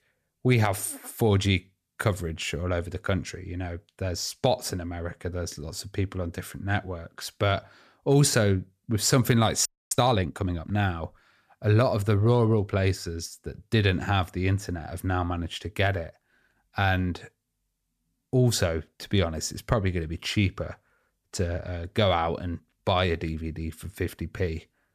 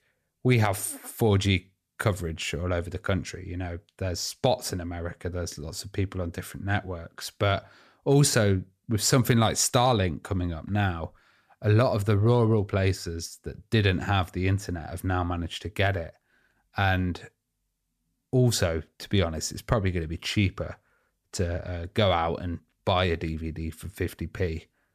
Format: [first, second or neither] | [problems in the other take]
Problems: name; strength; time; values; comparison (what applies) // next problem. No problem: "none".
second | audio freezing; at 9.5 s